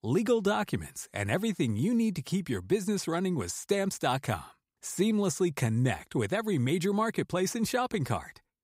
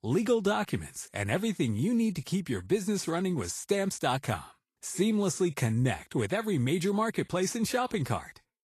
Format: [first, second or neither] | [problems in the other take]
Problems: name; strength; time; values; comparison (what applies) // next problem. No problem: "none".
first | garbled, watery; slightly; nothing above 12.5 kHz